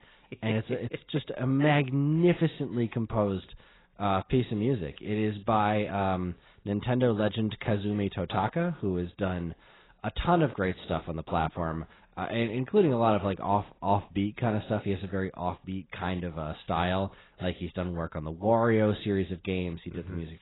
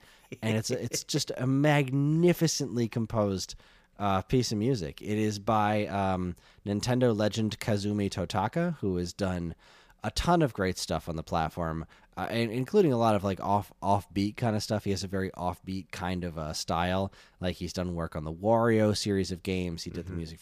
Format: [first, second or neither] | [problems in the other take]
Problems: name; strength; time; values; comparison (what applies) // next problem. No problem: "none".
second | garbled, watery; badly; nothing above 4 kHz